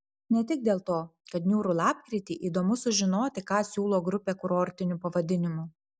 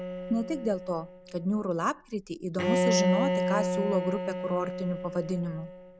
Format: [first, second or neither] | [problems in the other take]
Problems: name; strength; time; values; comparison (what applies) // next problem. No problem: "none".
first | background sound (Bowed string instrument); as loud as the speech